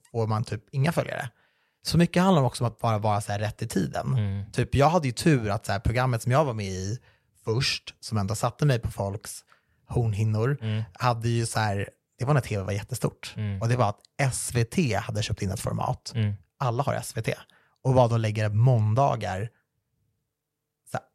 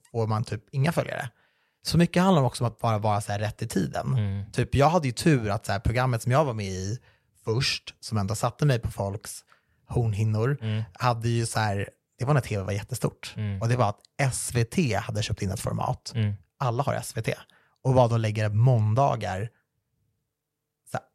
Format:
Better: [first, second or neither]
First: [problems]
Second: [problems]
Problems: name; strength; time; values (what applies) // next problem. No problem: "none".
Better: neither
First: none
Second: none